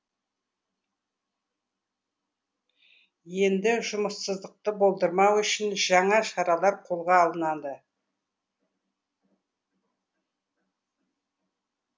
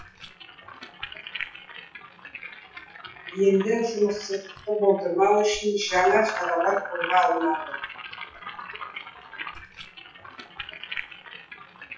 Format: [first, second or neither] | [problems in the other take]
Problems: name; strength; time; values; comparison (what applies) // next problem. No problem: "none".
first | noise reduction (classical method WPE with log-MMSE)